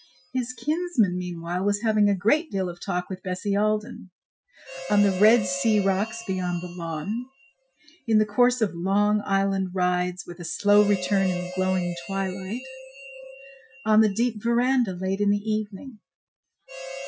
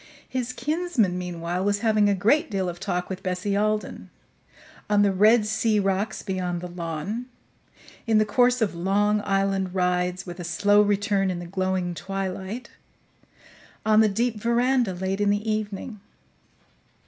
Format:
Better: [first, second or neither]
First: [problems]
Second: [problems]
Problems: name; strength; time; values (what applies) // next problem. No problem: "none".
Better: second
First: noise reduction (classical method Wiener filter)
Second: none